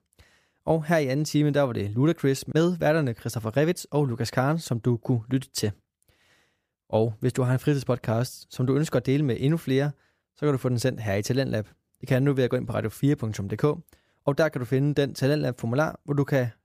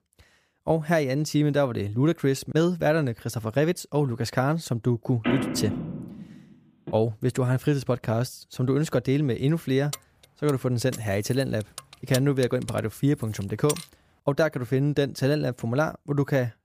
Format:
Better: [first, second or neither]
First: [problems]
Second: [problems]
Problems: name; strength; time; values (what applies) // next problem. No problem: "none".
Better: first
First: none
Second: phone ringing; noticeable; from 5.5 to 7 s; peak 1 dB below the speech // jangling keys; noticeable; from 10 to 14 s; peak 8 dB below the speech